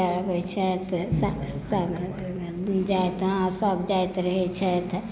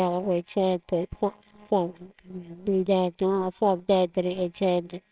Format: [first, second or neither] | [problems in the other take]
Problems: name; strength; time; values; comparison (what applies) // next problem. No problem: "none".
first | noise reduction (neural separator model SepFormer WHAMR!)